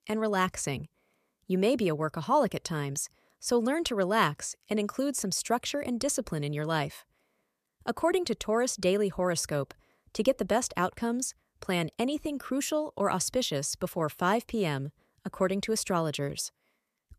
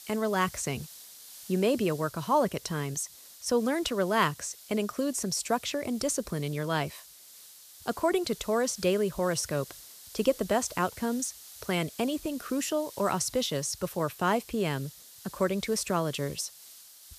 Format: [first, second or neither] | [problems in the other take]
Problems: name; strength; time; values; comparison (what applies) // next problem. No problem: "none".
first | hiss; noticeable; throughout; 15 dB below the speech